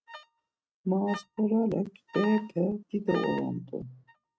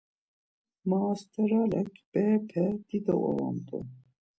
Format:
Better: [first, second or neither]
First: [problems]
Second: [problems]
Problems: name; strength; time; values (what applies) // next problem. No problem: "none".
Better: second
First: noise reduction (neural mask model RNNoise)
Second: none